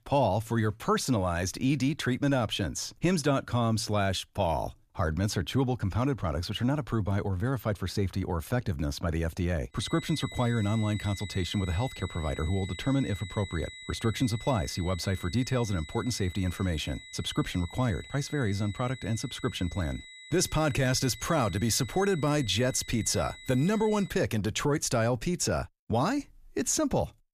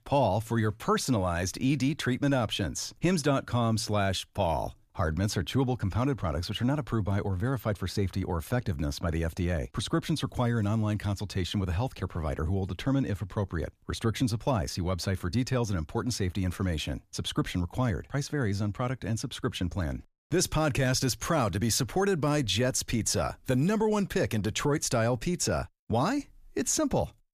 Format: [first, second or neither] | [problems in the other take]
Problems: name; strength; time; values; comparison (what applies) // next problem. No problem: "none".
second | high-pitched whine; noticeable; from 10 to 24 s; 2 kHz, 15 dB below the speech